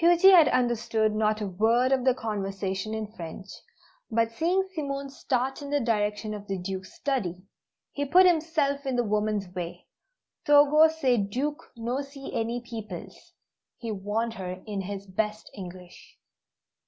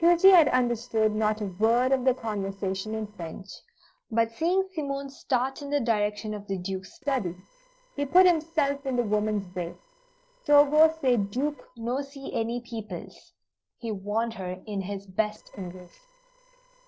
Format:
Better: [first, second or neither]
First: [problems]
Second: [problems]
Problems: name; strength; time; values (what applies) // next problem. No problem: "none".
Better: first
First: none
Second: noise reduction (neural separator model SepFormer DNS4)